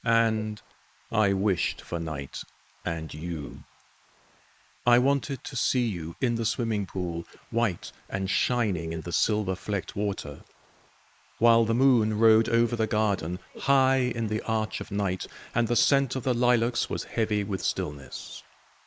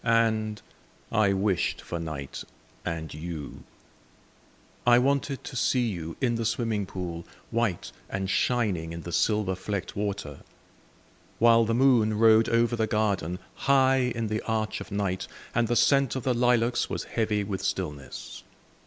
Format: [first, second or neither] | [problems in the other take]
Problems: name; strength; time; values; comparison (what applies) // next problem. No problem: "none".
second | noise reduction (neural mask model Resemble Enhance denoiser)